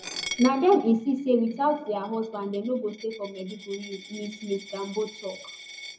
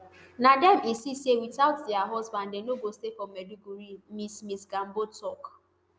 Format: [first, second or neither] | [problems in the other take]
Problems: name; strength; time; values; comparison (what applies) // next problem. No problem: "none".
second | background sound (Coin (dropping)); 15 dB below the speech // room echo; dies away in 0.4 s